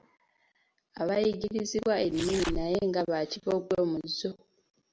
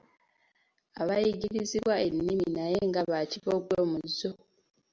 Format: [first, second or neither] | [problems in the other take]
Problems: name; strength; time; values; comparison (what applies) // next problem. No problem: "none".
second | background sound (Tearing); 9 dB below the speech